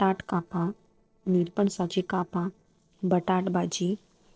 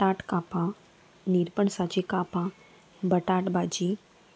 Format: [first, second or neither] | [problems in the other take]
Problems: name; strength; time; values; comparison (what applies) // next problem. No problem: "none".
second | noise reduction (neural separator model SepFormer DNS4)